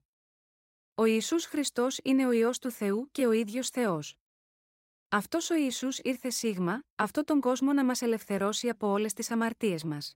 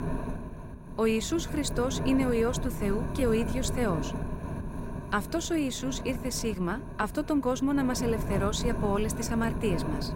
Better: first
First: none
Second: wind noise on the microphone; heavy; 9 dB below the speech

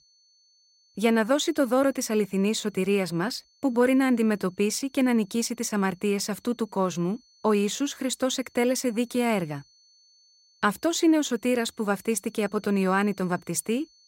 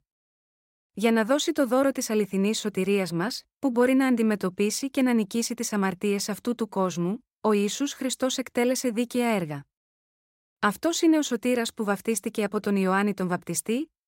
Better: second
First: high-pitched whine; faint; throughout; 4.5 kHz, 35 dB below the speech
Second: none

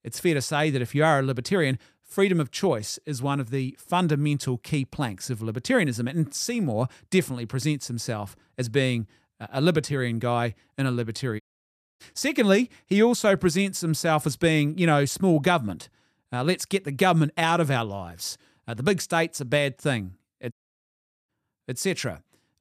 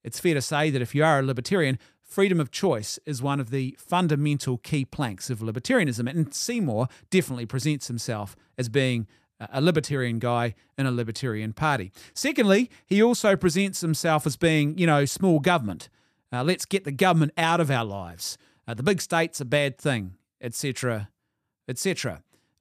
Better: second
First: audio cutting out; at 11 s for 0.5 s and at 21 s for 1 s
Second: none

